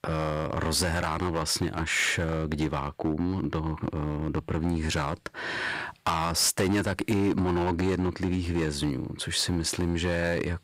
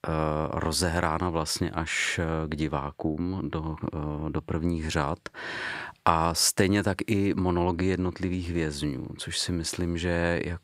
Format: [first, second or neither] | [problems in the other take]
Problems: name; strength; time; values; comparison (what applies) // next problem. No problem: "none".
second | distortion; heavy; 7% of the sound clipped